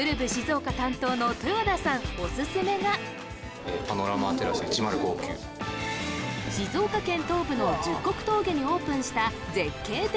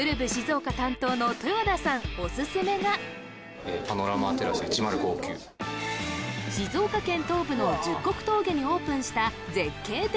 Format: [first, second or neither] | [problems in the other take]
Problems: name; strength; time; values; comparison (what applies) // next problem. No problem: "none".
second | background sound (Organ); 12 dB below the speech